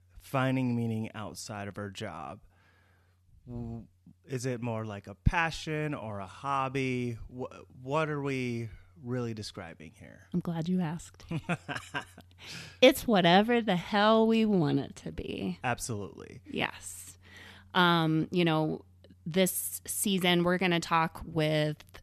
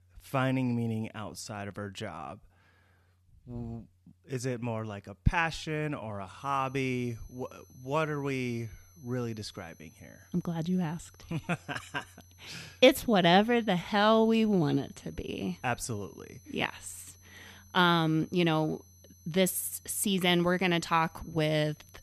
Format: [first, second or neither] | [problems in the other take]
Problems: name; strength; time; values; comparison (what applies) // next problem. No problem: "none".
first | high-pitched whine; faint; from 6.5 s on; 6 kHz, 30 dB below the speech